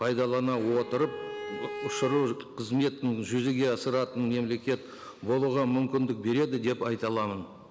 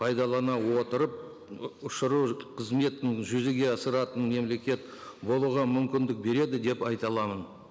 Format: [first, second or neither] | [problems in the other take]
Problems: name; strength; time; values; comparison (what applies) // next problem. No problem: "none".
second | background sound (Bowed string instrument); 11 dB below the speech